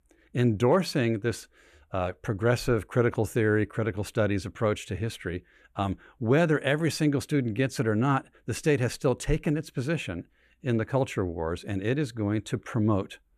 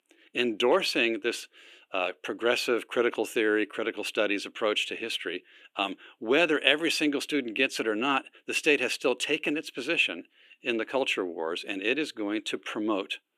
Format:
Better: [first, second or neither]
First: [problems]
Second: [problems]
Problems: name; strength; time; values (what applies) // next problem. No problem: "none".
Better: first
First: none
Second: thin; somewhat; fading below 300 Hz